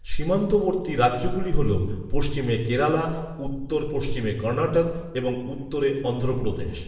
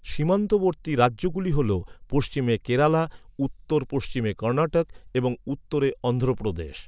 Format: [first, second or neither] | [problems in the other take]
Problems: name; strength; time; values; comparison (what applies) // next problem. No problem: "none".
second | room echo; dies away in 1 s